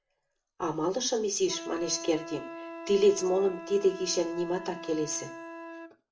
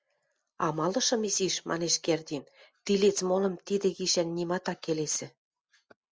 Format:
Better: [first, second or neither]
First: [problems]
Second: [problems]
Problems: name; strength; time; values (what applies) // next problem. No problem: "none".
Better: second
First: background sound (Wind instrument, woodwind instrument); 13 dB below the speech // room echo; dies away in 0.4 s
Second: none